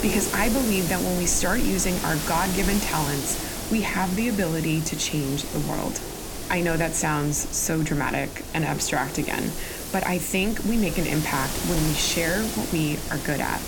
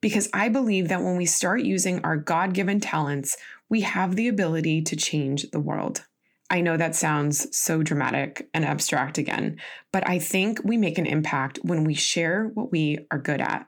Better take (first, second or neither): second